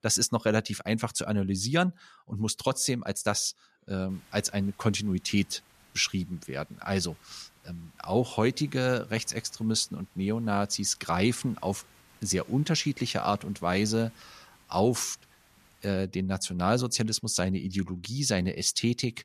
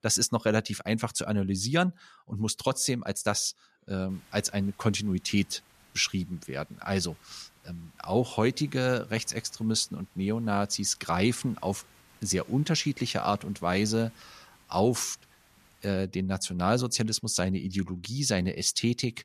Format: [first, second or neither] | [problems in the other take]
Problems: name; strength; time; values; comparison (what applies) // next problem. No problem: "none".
neither | hiss; faint; from 4 to 16 s; 30 dB below the speech; the same in both